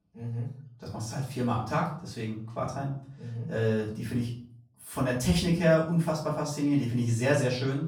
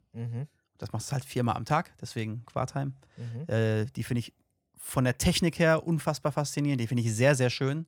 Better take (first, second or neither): second